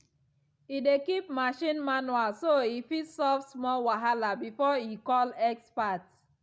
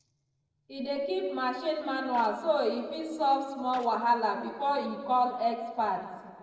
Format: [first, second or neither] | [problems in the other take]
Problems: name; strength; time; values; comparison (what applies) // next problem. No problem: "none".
first | noise reduction (neural separator model SepFormer DNS4)